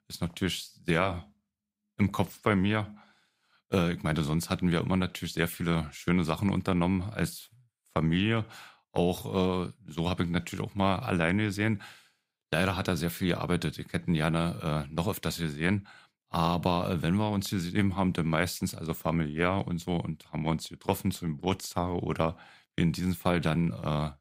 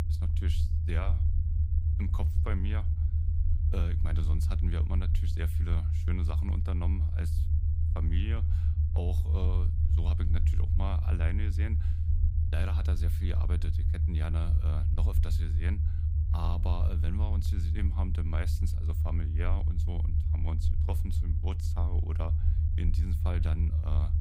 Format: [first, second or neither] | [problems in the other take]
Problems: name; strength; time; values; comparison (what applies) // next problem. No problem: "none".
first | low rumble; loud; throughout; 2 dB below the speech